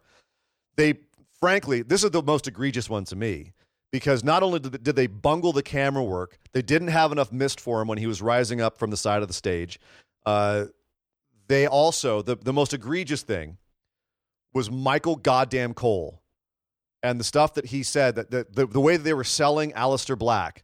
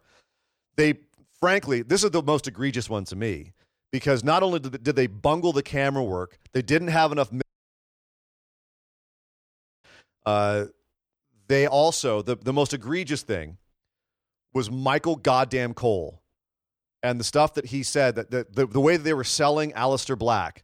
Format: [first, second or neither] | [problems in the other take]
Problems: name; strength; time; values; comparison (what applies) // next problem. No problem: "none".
first | audio cutting out; at 7.5 s for 2.5 s